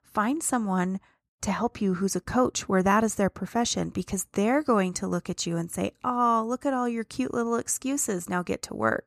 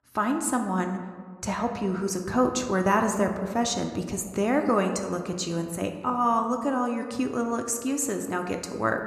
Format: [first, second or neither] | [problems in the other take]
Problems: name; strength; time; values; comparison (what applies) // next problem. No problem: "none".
first | room echo; slight; dies away in 1.1 s